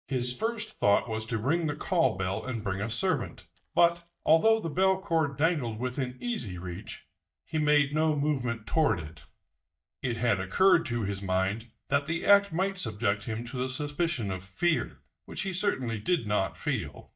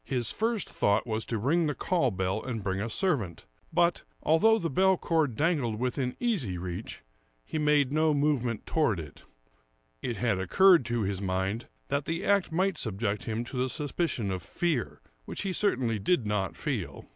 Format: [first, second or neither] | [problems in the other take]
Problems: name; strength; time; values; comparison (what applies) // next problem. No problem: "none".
second | noise reduction (neural mask model DeepFilterNet 3)